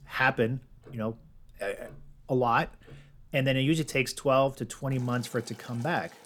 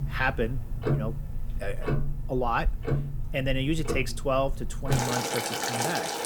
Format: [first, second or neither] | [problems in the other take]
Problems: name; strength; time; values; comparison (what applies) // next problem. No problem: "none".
first | household noises; loud; throughout; 1 dB below the speech; faint in the first